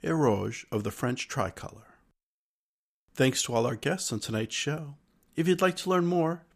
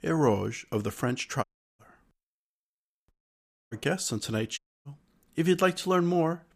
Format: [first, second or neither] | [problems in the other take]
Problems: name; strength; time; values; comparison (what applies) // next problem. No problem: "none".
first | audio cutting out; at 1.5 s, at 3 s for 0.5 s and at 4.5 s